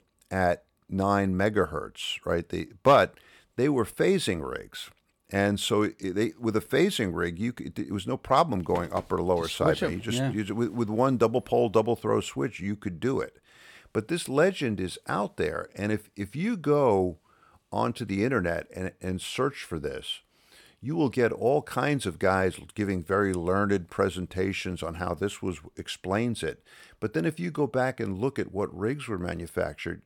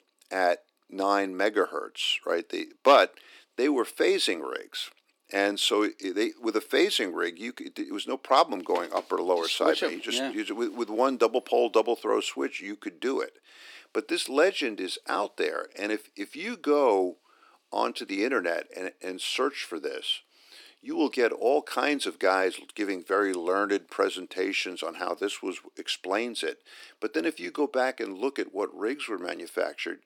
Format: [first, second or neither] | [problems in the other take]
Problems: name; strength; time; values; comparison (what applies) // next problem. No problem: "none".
first | thin; very slightly; fading below 300 Hz